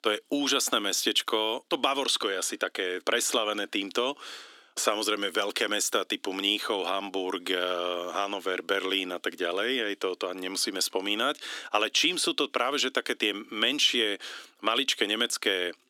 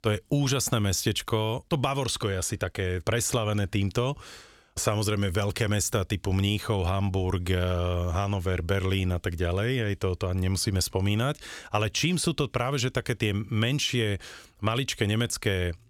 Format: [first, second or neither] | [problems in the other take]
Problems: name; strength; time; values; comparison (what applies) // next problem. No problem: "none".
second | thin; somewhat; fading below 250 Hz